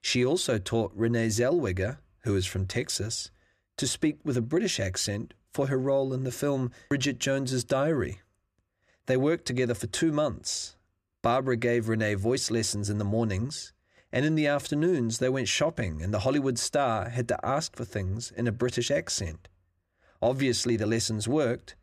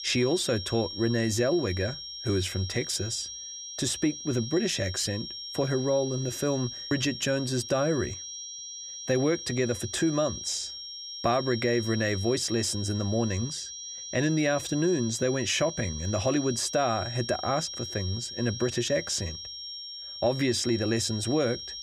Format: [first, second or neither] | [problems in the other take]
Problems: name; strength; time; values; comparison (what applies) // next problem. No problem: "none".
first | high-pitched whine; loud; throughout; 5.5 kHz, 8 dB below the speech